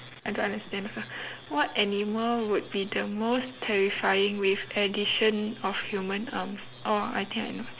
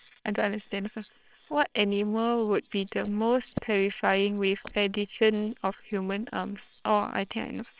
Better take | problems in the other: first | noise reduction (neural separator model SepFormer WHAMR!)

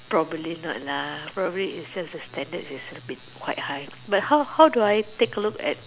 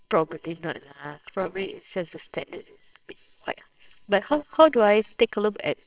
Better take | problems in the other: first | noise reduction (neural separator model SepFormer WHAMR!)

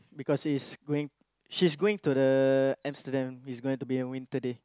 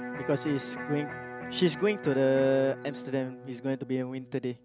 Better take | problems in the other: first | background sound (Electric guitar); 11 dB below the speech

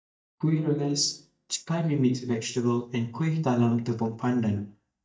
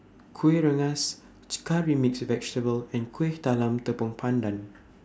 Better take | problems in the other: second | noise reduction (neural mask model DeepFilterNet 3)

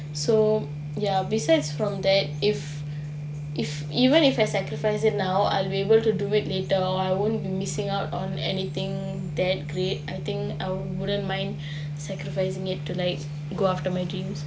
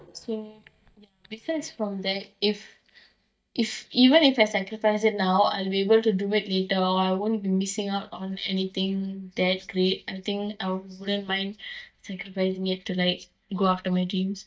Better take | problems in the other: first | noise reduction (neural mask model DeepFilterNet 3)

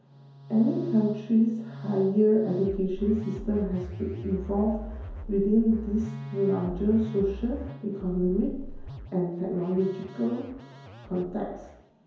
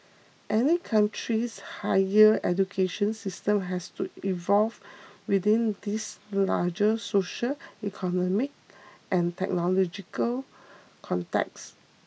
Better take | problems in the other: second | background sound (Musical instrument); 12 dB below the speech // room echo; dies away in 0.9 s

